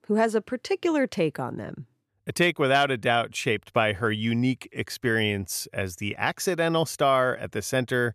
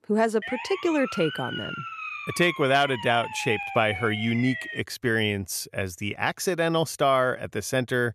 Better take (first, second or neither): first